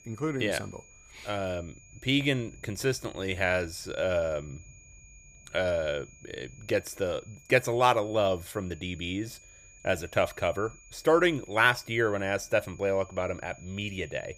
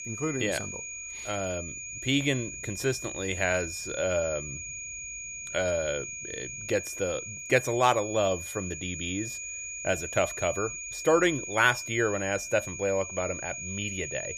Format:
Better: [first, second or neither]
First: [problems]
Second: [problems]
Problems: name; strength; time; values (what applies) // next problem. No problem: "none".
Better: first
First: high-pitched whine; faint; throughout; 7 kHz, 25 dB below the speech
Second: high-pitched whine; loud; throughout; 7 kHz, 7 dB below the speech